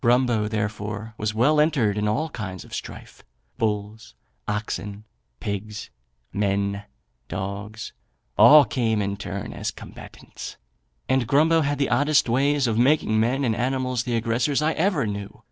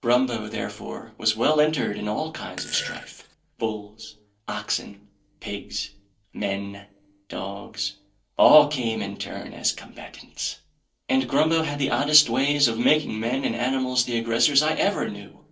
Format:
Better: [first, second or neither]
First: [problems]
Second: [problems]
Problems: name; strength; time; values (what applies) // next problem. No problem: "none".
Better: first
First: none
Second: noise reduction (neural separator model SepFormer DNS4)